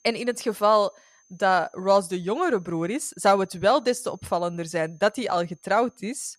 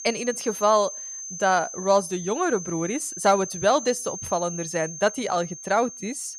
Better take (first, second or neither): first